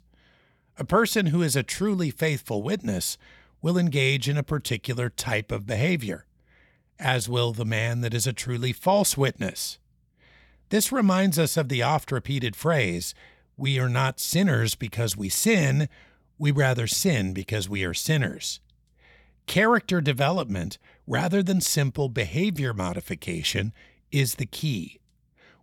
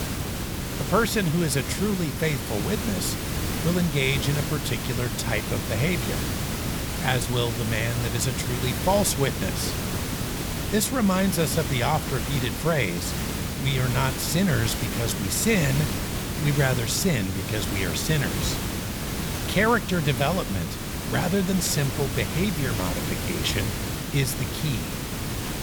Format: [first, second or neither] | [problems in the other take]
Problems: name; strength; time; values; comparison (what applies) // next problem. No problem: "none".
first | hiss; loud; throughout; 3 dB below the speech